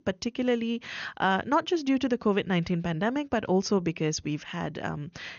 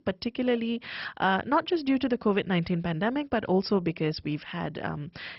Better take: first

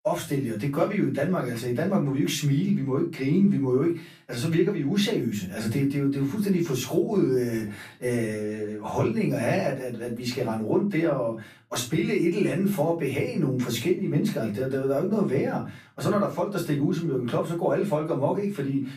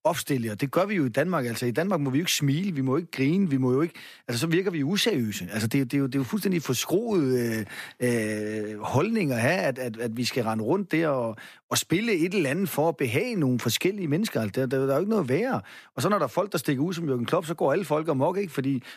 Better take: second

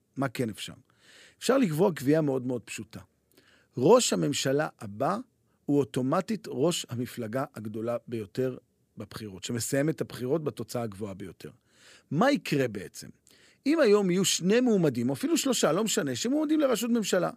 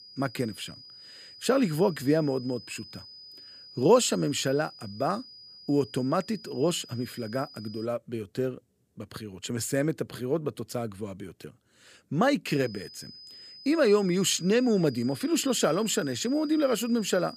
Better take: first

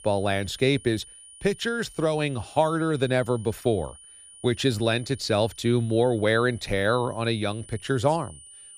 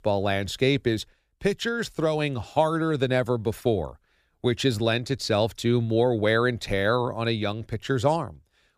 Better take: second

